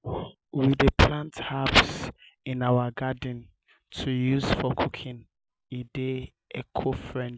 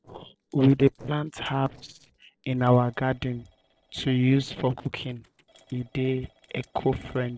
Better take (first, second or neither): first